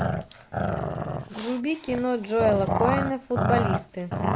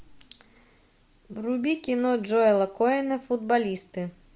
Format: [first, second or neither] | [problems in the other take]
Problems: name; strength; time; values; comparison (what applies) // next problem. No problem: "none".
second | background sound (Growling); as loud as the speech